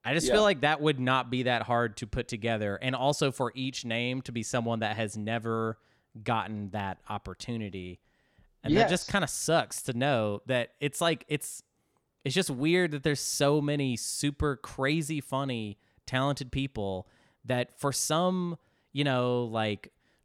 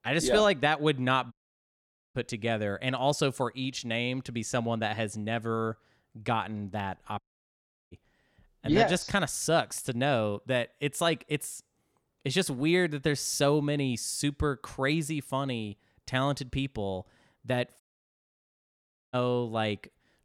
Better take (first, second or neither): first